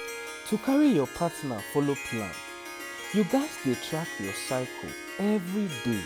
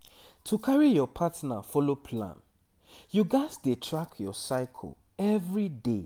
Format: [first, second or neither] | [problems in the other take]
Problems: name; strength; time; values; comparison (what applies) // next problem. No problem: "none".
second | background sound (Harp); 10 dB below the speech